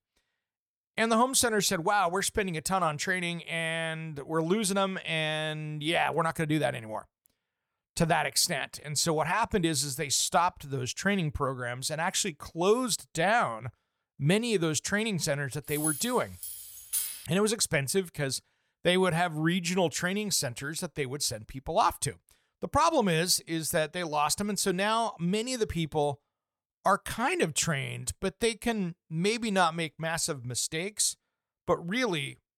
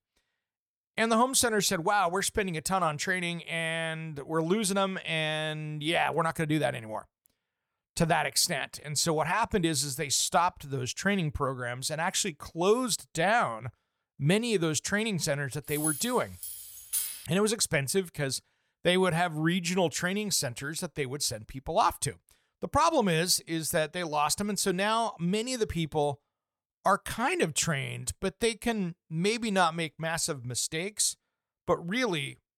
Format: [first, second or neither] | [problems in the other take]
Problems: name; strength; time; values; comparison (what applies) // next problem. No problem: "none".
neither | jangling keys; noticeable; from 16 to 17 s; peak 2 dB below the speech; the same in both